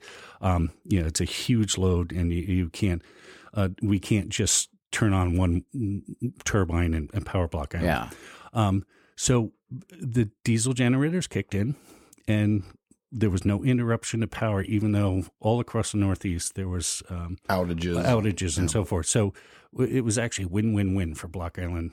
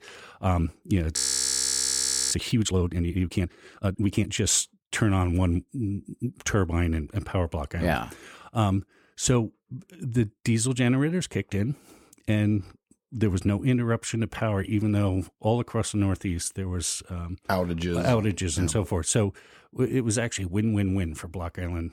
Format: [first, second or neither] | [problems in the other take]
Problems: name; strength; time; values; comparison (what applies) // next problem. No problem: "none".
first | audio freezing; at 1 s for 1 s